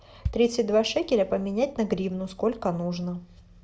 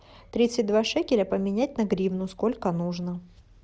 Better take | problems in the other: second | background sound (Bass drum); 14 dB below the speech // room echo; dies away in 0.3 s

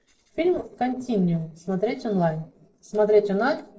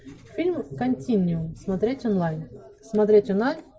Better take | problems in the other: second | noise reduction (neural separator model SepFormer DNS4)

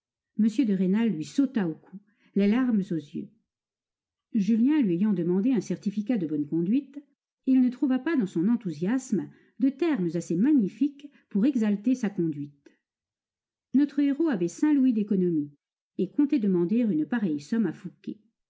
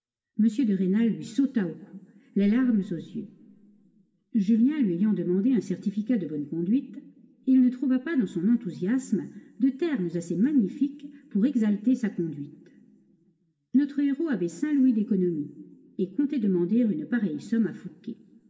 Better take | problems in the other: first | room echo; dies away in 1.9 s

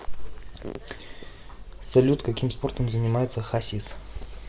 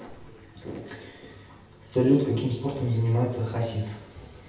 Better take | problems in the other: first | room echo; dies away in 0.8 s

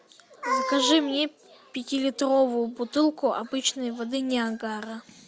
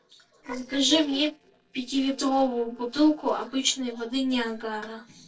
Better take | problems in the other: first | noise reduction (neural separator model SepFormer DNS4)

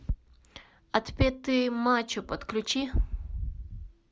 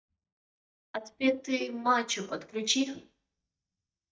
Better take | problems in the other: first | noise reduction (neural mask model DeepFilterNet 3)

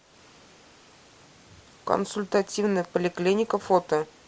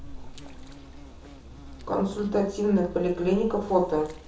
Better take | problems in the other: first | background sound (Insect); 14 dB below the speech // room echo; dies away in 0.9 s

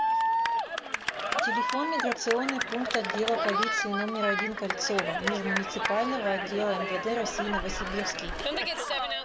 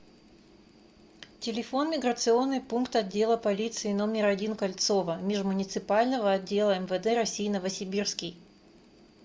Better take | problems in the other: second | background sound (Cheering); 2 dB above the speech

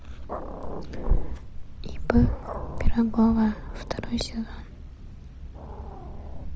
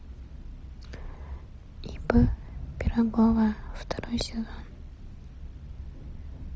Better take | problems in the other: second | background sound (Growling); 2 dB below the speech

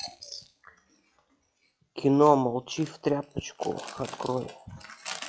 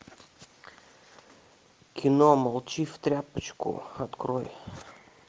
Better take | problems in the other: second | noise reduction (classical method log-MMSE)

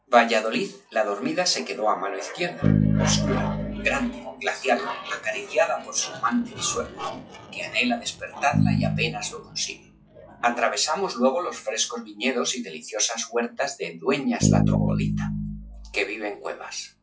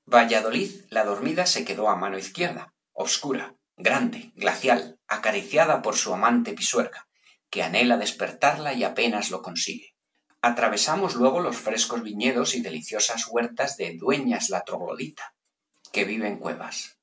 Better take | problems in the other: second | noise reduction (classical method log-MMSE)

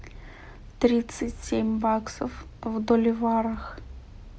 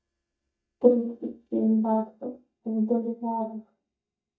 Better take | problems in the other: first | noise reduction (neural mask model DeepFilterNet 3)

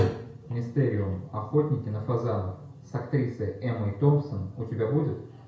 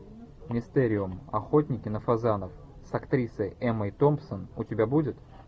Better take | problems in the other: second | room echo; dies away in 0.5 s

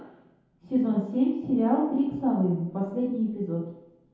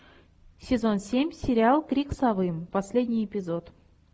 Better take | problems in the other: second | room echo; dies away in 0.8 s

